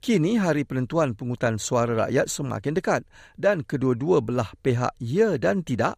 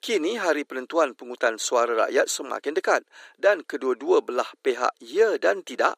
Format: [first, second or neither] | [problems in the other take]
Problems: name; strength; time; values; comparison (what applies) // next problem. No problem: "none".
first | thin; very; fading below 300 Hz